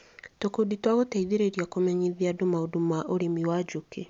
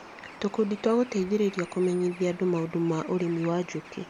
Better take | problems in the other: first | background sound (Bird); 19 dB below the speech

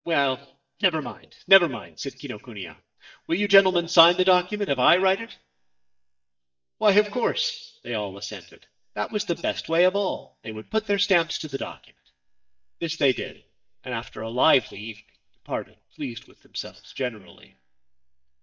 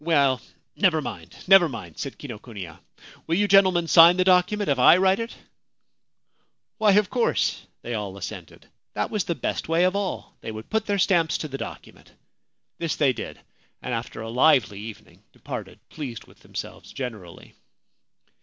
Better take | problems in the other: second | noise reduction (neural mask model DeepFilterNet 3)

